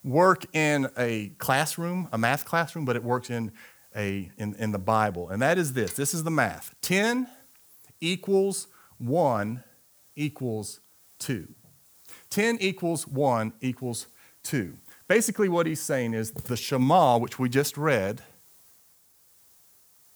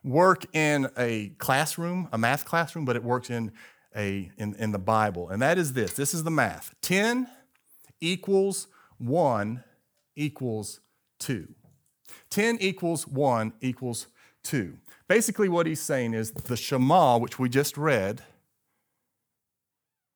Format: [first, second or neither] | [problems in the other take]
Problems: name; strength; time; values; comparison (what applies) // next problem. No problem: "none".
second | hiss; faint; throughout; 30 dB below the speech